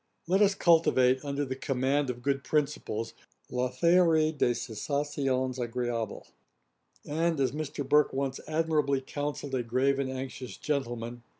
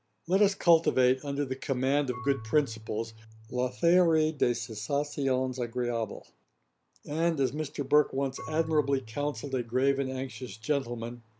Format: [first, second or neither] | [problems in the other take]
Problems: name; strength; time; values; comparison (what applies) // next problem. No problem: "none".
first | background sound (Marimba, xylophone / Wood); 20 dB below the speech